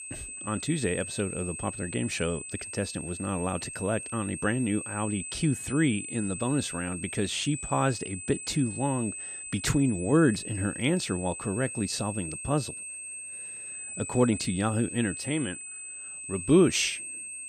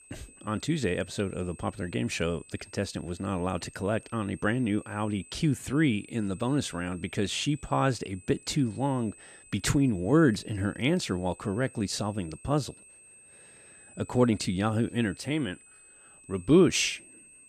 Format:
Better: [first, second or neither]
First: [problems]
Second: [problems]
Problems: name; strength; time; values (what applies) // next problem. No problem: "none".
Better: second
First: high-pitched whine; loud; throughout; 8.5 kHz, 7 dB below the speech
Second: high-pitched whine; faint; throughout; 8.5 kHz, 20 dB below the speech